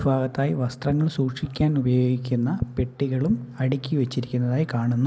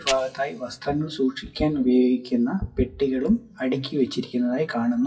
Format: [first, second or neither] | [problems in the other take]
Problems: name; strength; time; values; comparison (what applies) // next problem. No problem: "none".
first | noise reduction (classical method WPE with log-MMSE)